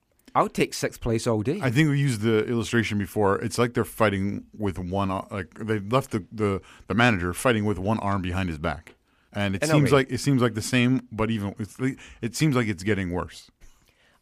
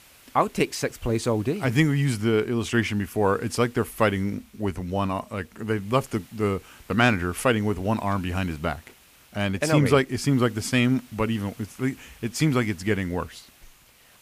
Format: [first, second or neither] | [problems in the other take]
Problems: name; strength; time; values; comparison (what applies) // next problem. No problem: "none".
first | hiss; faint; throughout; 25 dB below the speech